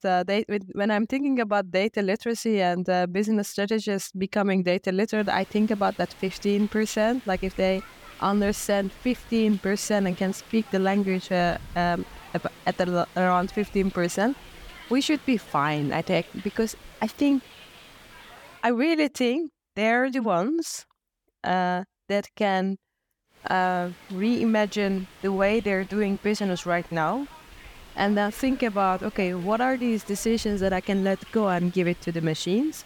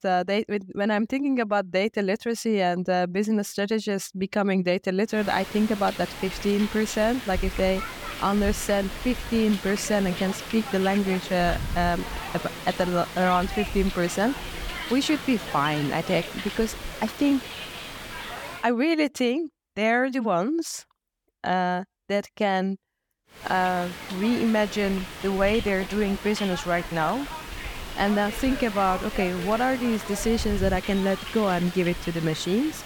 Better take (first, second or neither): first